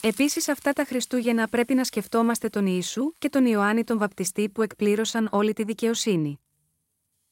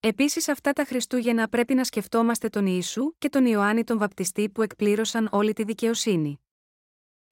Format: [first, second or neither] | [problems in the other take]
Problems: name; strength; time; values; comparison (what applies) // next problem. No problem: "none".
second | hiss; faint; throughout; 25 dB below the speech